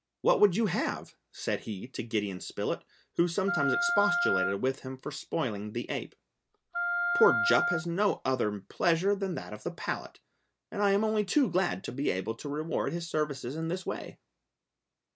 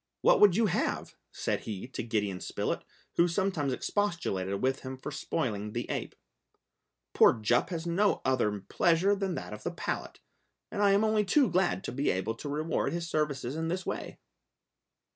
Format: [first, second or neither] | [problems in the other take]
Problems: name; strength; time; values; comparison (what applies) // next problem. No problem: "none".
second | background sound (Wind instrument, woodwind instrument); 1 dB below the speech